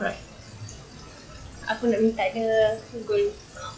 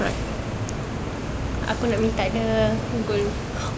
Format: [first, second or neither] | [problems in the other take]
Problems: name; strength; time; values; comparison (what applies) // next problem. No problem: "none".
second | noise reduction (classical method log-MMSE)